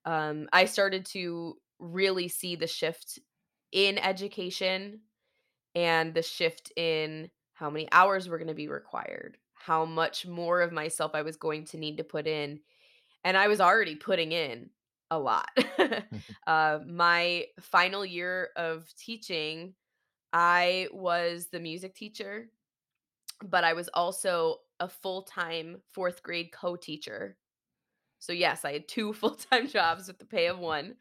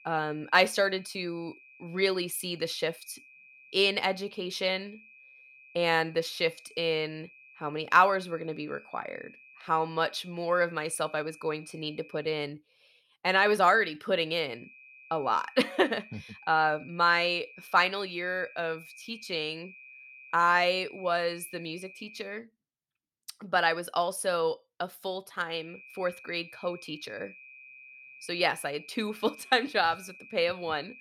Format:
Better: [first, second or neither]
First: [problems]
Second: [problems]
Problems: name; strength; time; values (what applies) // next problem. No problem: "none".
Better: first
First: none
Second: high-pitched whine; faint; until 12 s, from 14 to 22 s and from 26 s on; 2.5 kHz, 20 dB below the speech